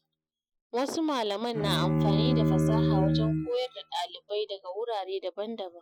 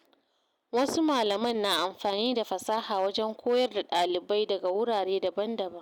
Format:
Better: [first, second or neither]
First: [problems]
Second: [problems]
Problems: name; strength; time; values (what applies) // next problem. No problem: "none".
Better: second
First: noise reduction (classical method Wiener filter)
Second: none